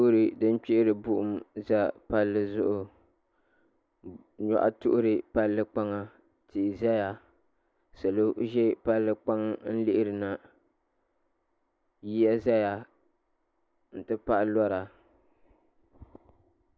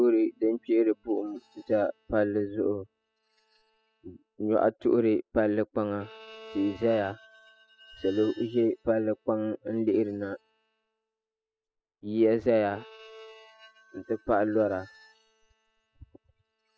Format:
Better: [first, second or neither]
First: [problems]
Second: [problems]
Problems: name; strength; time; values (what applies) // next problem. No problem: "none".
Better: first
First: none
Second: noise reduction (classical method spectral subtraction)